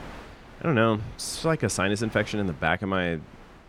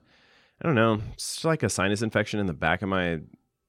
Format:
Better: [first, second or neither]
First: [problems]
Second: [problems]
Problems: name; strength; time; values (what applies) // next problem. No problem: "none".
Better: second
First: wind noise on the microphone; occasional gusts; 20 dB below the speech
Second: none